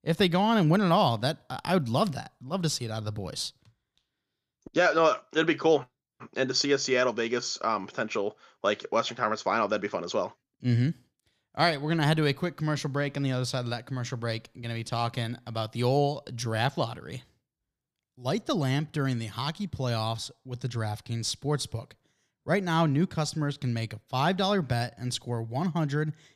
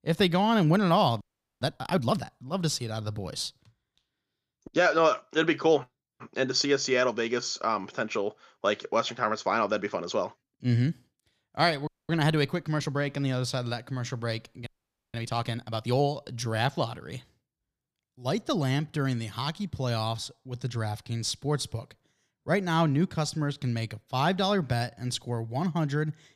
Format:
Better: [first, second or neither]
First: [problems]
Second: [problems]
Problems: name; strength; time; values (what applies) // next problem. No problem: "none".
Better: first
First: none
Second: audio freezing; at 1 s, at 12 s and at 15 s